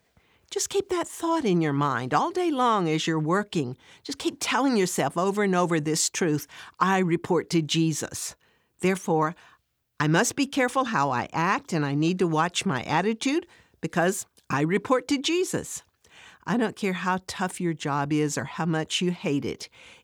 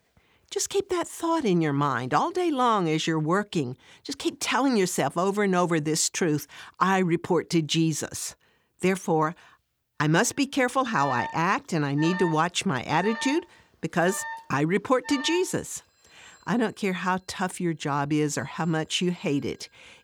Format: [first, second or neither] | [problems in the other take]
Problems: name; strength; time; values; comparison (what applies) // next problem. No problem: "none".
first | alarms or sirens; noticeable; from 11 s on; 10 dB below the speech